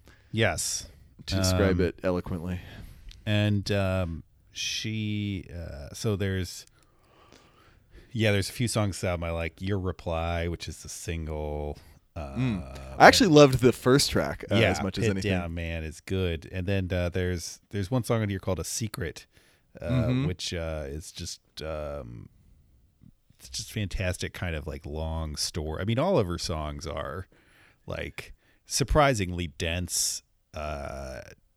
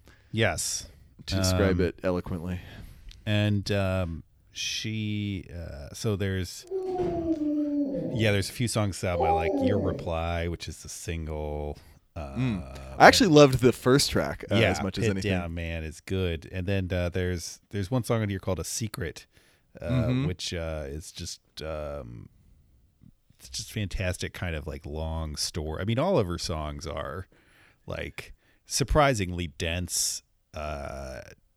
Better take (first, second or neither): first